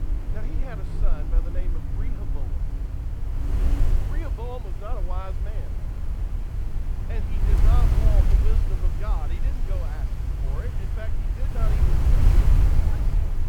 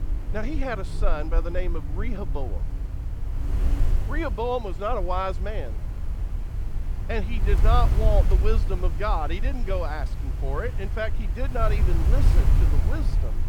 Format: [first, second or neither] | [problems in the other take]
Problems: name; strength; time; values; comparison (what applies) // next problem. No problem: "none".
second | wind noise on the microphone; heavy; 1 dB above the speech; occasional gusts in the second